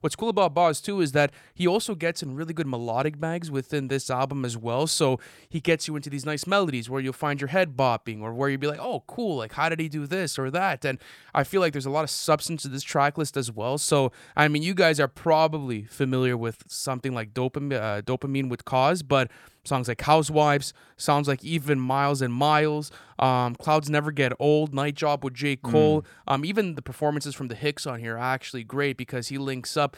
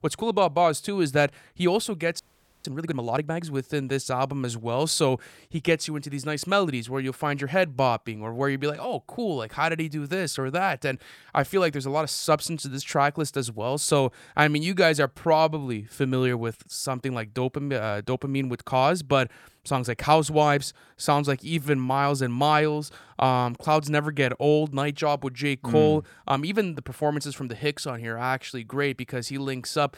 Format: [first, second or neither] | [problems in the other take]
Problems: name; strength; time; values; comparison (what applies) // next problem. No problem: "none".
first | audio freezing; at 2 s